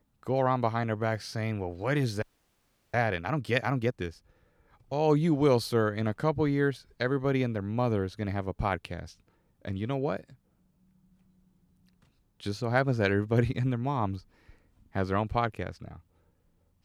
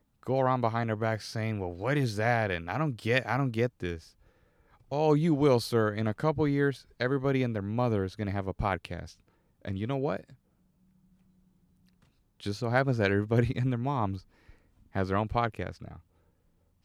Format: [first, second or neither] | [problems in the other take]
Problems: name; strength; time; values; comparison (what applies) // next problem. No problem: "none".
second | audio freezing; at 2 s for 0.5 s